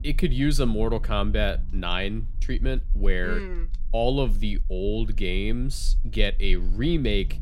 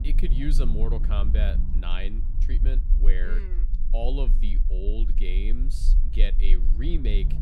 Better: first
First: low rumble; faint; throughout; 25 dB below the speech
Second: low rumble; loud; throughout; 10 dB below the speech

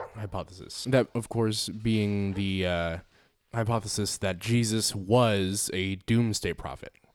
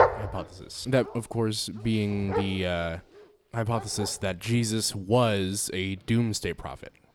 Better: first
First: animal sounds; faint; throughout; 30 dB below the speech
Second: animal sounds; loud; throughout; 7 dB below the speech

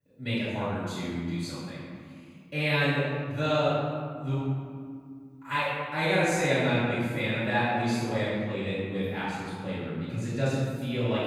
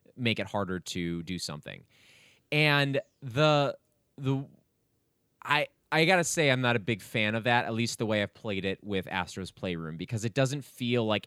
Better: second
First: off-mic speech; far // room echo; strong; dies away in 2 s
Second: none

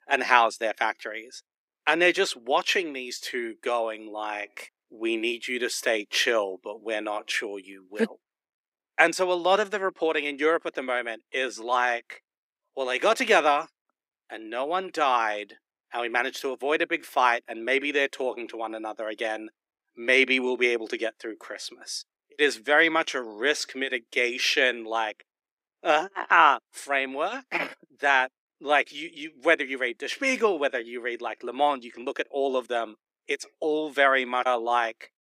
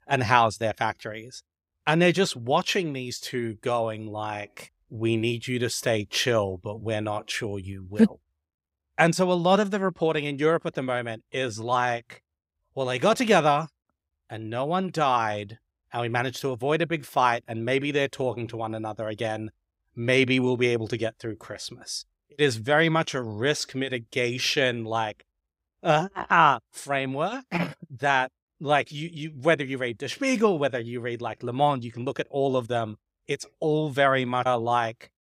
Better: second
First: thin; somewhat; fading below 300 Hz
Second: none

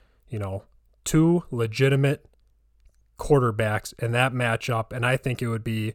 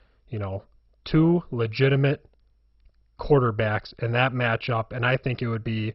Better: first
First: none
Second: garbled, watery; badly; nothing above 5.5 kHz

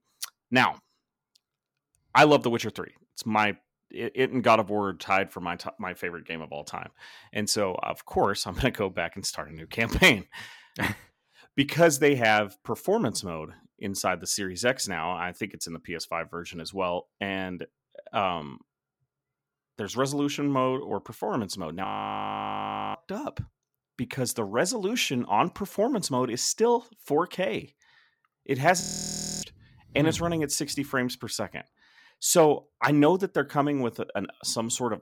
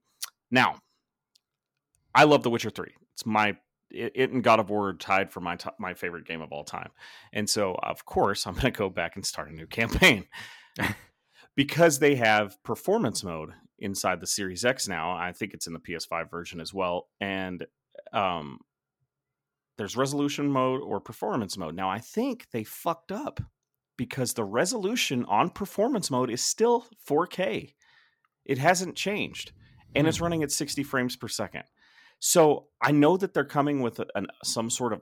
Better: second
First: audio freezing; at 22 s for 1 s and at 29 s for 0.5 s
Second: none

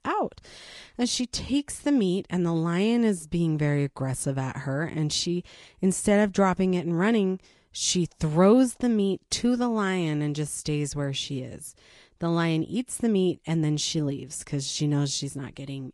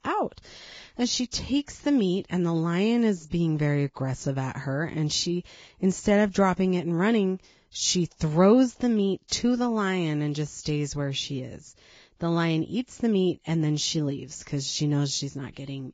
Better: first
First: garbled, watery; slightly; nothing above 10.5 kHz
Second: garbled, watery; badly; nothing above 7.5 kHz

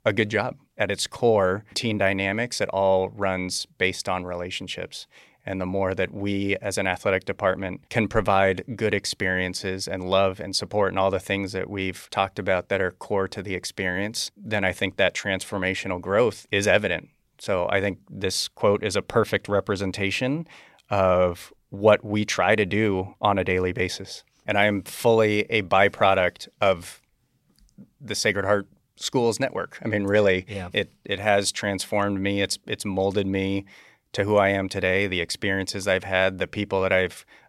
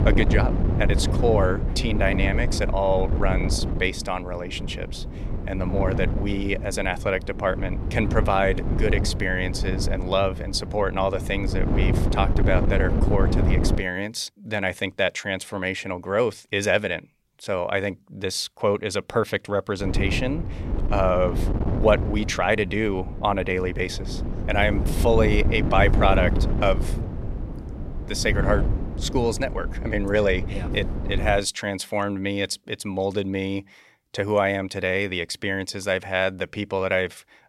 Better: first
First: none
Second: wind noise on the microphone; occasional gusts; until 14 s and from 20 to 31 s; 10 dB below the speech

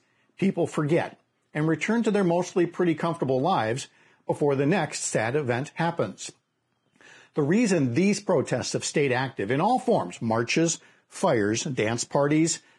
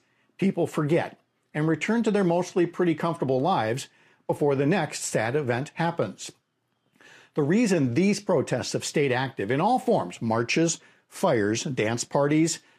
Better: second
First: garbled, watery; badly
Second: garbled, watery; slightly; nothing above 15.5 kHz

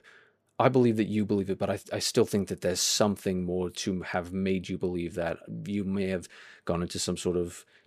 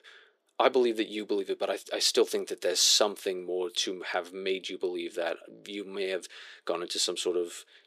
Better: first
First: none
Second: thin; somewhat; fading below 350 Hz

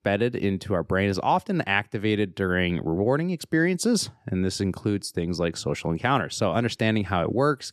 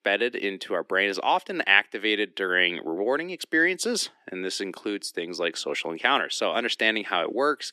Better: first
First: none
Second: thin; somewhat; fading below 300 Hz

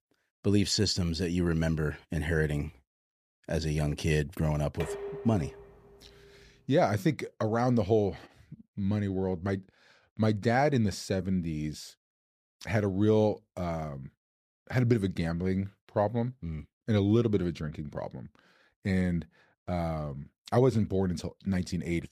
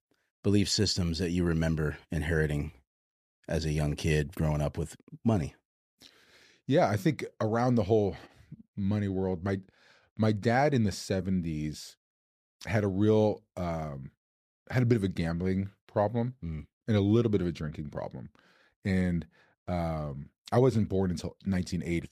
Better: second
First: clattering dishes; noticeable; at 5 s; peak 7 dB below the speech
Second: none

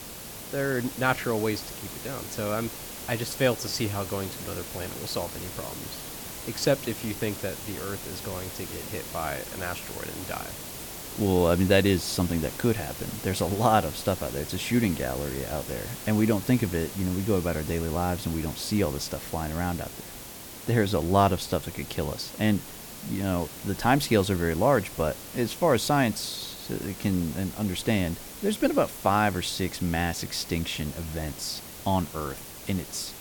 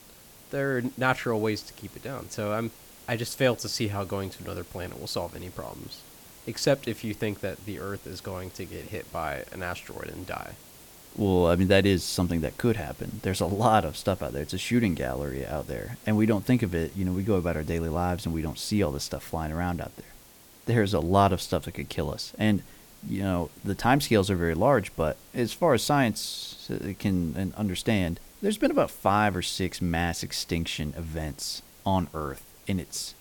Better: second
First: hiss; loud; throughout; 10 dB below the speech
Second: hiss; faint; throughout; 20 dB below the speech

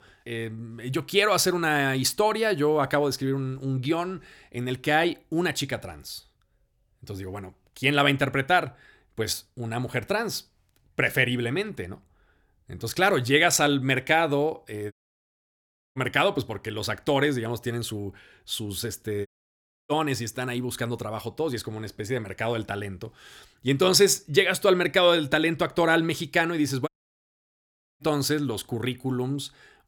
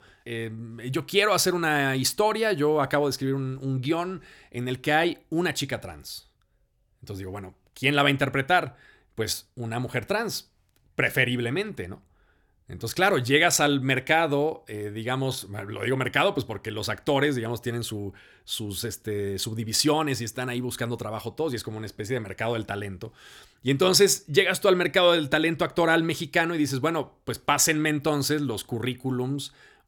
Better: second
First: audio cutting out; at 15 s for 1 s, at 19 s for 0.5 s and at 27 s for 1 s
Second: none

